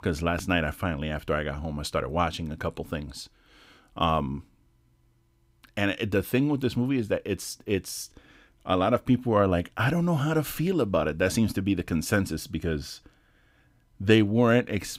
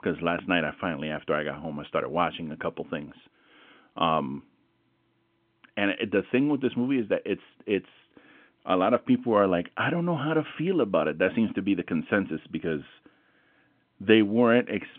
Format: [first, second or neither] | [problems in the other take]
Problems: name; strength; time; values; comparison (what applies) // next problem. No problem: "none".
first | phone-call audio